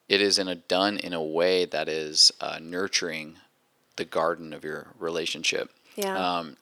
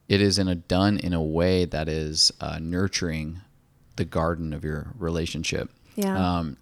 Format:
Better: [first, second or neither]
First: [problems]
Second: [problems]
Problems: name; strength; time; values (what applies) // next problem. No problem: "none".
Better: second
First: thin; somewhat; fading below 450 Hz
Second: none